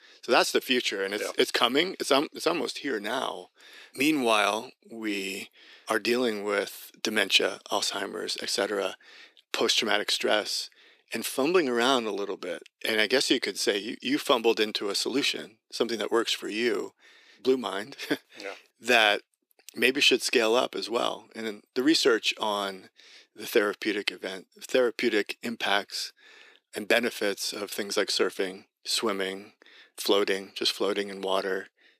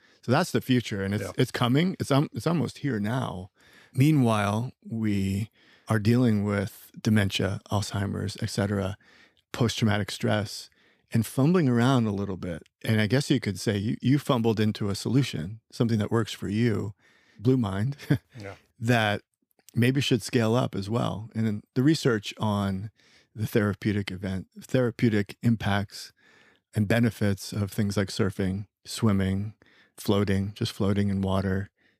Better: second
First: thin; somewhat; fading below 350 Hz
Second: none

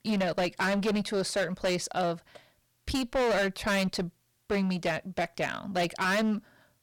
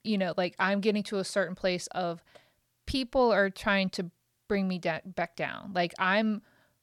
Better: second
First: distortion; heavy; 17% of the sound clipped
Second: none

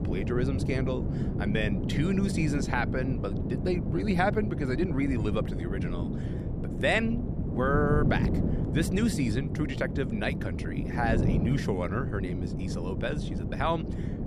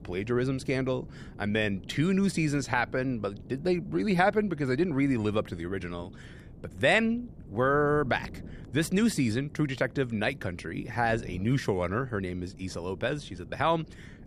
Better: second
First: wind noise on the microphone; heavy; 7 dB below the speech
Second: wind noise on the microphone; occasional gusts; 25 dB below the speech

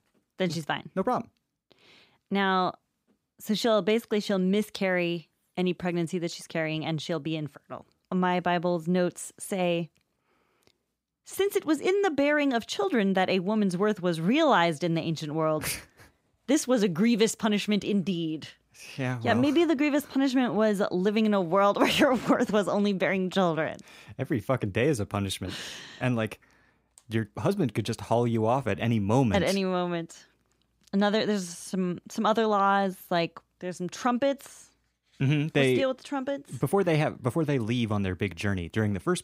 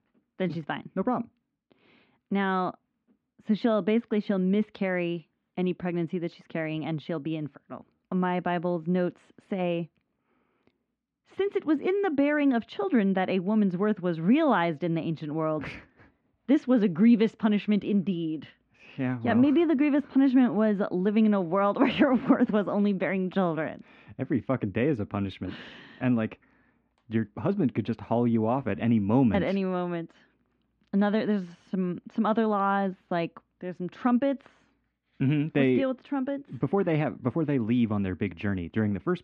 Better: first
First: none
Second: muffled; very; fading above 2.5 kHz

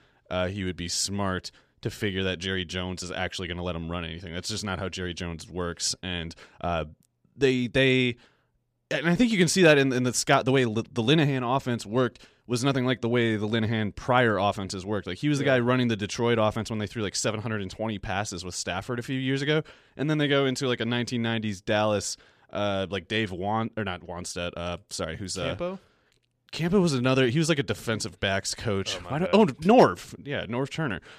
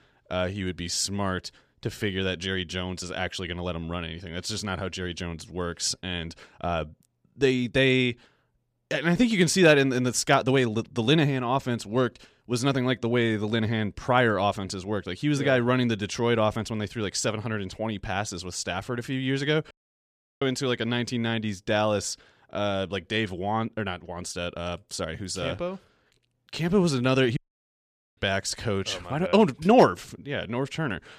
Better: first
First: none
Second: audio cutting out; at 20 s for 0.5 s and at 27 s for 1 s

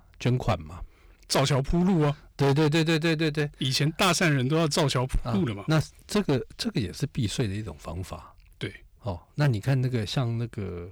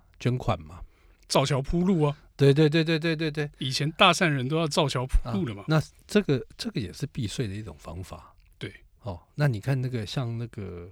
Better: second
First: distortion; heavy; 9% of the sound clipped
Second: none

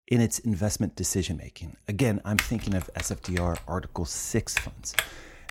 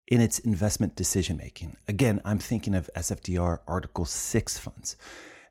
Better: second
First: keyboard typing; loud; from 2.5 s on; peak level with the speech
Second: none

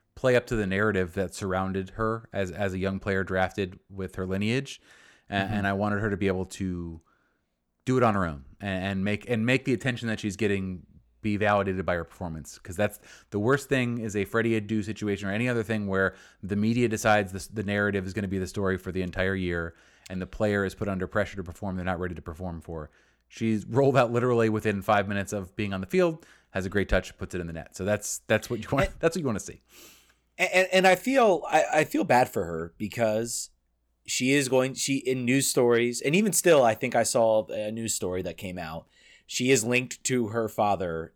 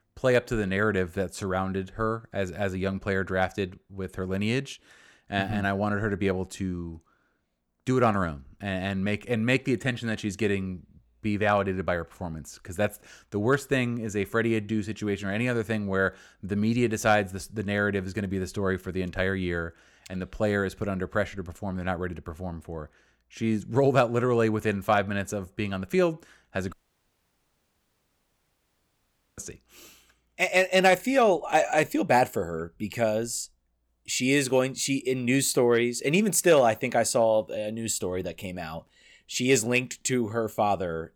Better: first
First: none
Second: audio cutting out; at 27 s for 2.5 s

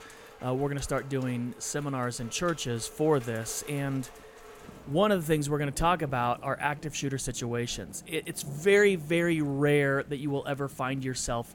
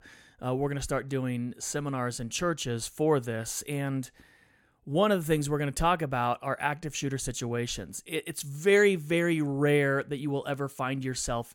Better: second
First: rain or running water; faint; throughout; 20 dB below the speech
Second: none

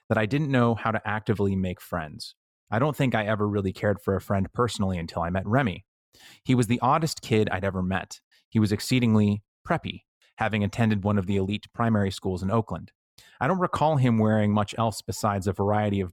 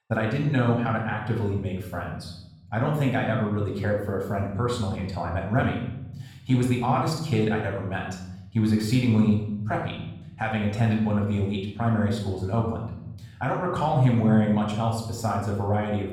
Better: first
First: none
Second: off-mic speech; far // room echo; noticeable; dies away in 0.9 s

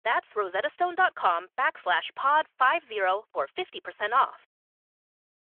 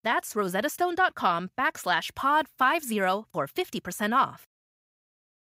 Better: second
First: phone-call audio; nothing above 3.5 kHz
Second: none

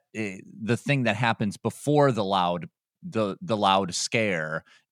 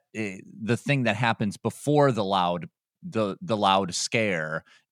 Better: neither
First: none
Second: none

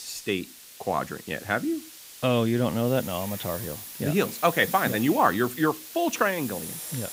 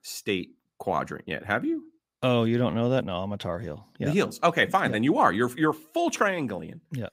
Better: second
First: hiss; noticeable; throughout; 10 dB below the speech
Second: none

